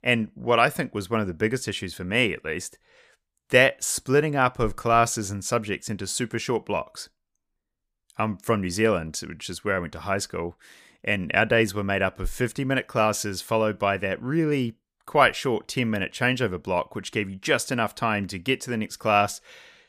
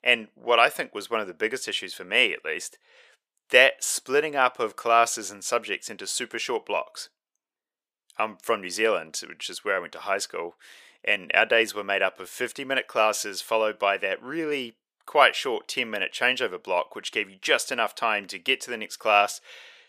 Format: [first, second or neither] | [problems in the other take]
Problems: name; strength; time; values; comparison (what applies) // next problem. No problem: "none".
first | thin; somewhat; fading below 500 Hz